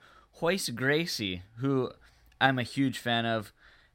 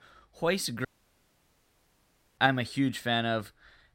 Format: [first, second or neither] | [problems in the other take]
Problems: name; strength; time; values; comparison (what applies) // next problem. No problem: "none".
first | audio cutting out; at 1 s for 1.5 s